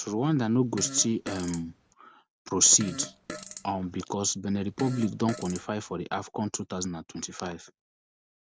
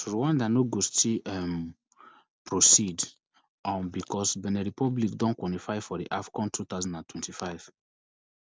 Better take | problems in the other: second | background sound (Fart); 13 dB below the speech

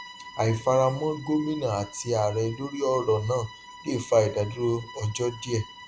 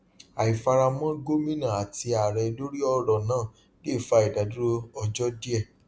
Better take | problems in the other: second | background sound (Bowed string instrument); 18 dB below the speech

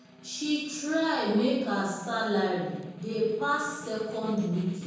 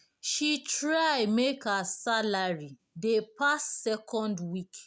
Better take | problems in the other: second | background sound (Snare drum); 19 dB below the speech // room echo; dies away in 1.3 s

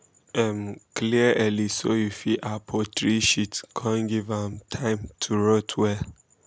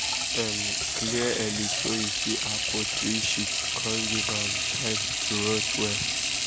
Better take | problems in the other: first | background sound (Sink (filling or washing) / Water tap, faucet); 5 dB above the speech

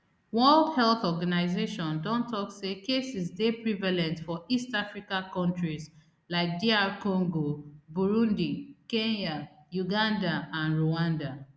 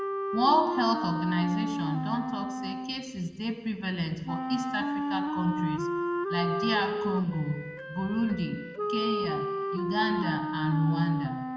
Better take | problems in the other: first | background sound (Wind instrument, woodwind instrument); 2 dB below the speech // room echo; dies away in 1.4 s

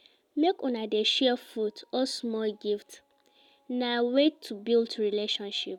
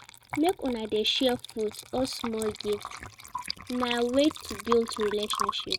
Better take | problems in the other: first | noise reduction (neural mask model RNNoise)

